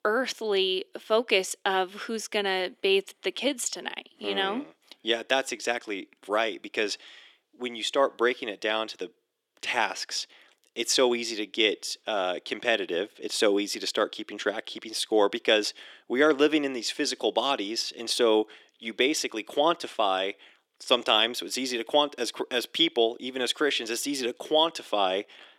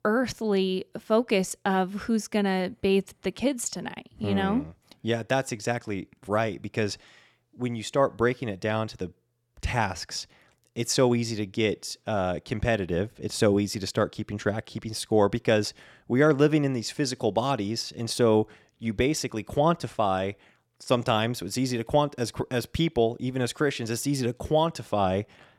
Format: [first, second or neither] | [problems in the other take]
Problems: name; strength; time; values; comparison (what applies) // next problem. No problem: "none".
second | thin; somewhat; fading below 300 Hz